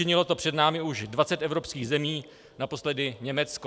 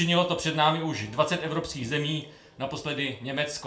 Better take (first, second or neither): first